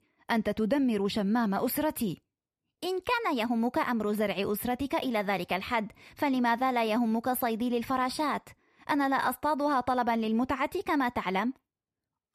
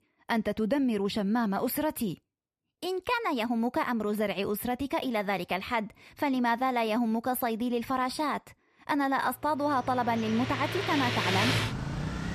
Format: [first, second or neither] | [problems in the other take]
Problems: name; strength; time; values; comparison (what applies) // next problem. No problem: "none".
first | traffic noise; loud; from 9.5 s on; 1 dB below the speech